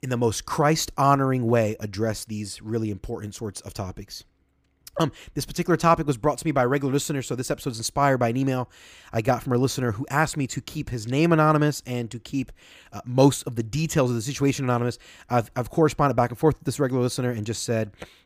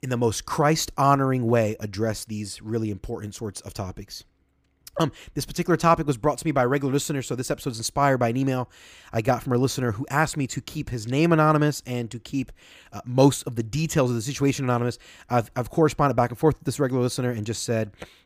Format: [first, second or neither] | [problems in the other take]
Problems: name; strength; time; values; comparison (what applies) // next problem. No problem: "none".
neither | none